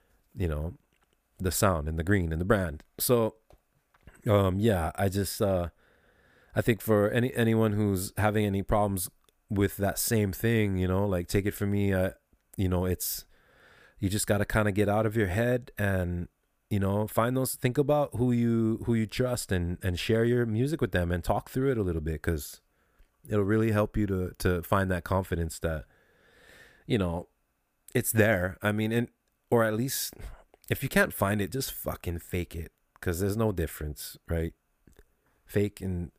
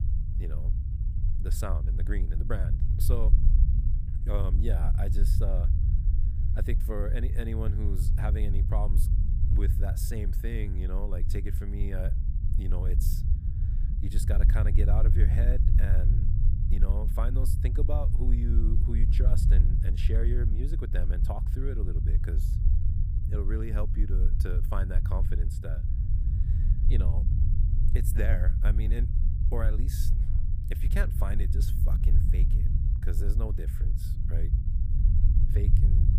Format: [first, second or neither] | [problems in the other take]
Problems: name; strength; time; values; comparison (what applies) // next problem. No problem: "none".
first | low rumble; loud; throughout; 4 dB below the speech